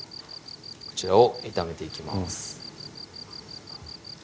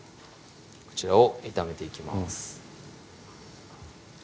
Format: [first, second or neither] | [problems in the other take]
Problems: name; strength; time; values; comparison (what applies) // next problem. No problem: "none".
second | background sound (Cricket); 14 dB below the speech